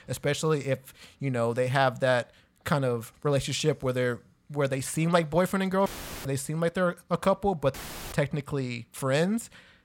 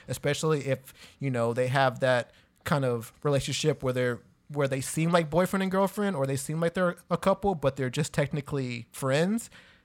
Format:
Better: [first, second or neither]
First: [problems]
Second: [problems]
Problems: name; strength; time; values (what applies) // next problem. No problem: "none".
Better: second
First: audio cutting out; filled with static; at 6 s and at 7.5 s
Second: none